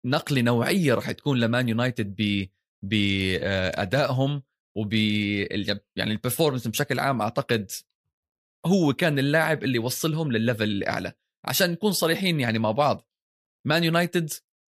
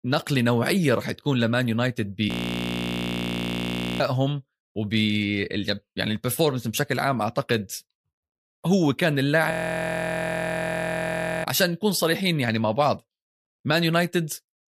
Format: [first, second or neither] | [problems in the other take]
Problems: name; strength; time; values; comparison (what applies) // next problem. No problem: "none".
first | audio freezing; at 2.5 s for 1.5 s and at 9.5 s for 2 s